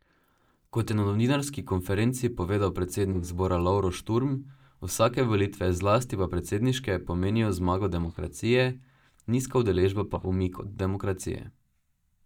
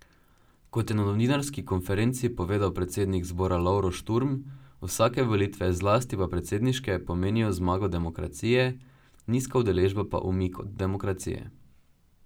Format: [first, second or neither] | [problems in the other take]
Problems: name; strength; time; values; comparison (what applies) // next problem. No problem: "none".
second | noise reduction (neural mask model DeepFilterNet 3)